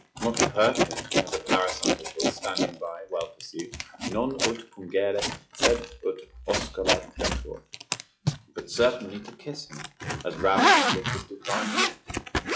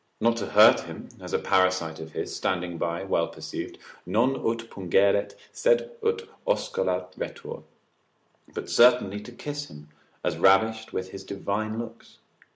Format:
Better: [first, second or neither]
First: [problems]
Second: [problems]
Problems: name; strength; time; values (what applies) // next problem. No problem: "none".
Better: second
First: noise reduction (classical method log-MMSE)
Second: none